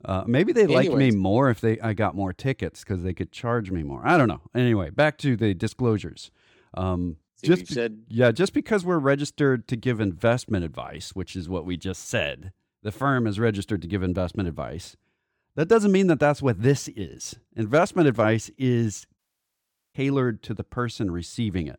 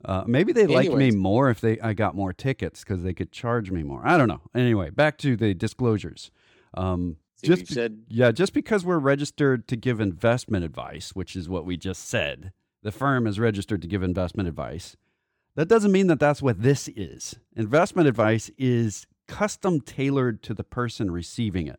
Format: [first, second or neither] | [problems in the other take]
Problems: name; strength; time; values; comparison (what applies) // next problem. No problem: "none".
second | audio cutting out; at 19 s for 1 s